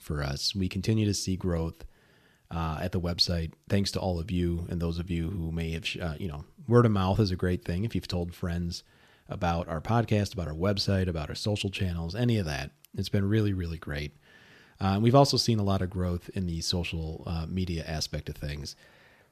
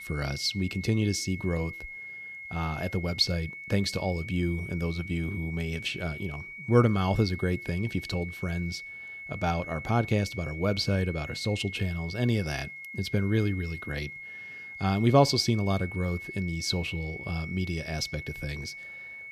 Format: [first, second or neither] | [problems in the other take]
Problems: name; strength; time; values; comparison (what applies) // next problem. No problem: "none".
first | high-pitched whine; noticeable; throughout; 2 kHz, 10 dB below the speech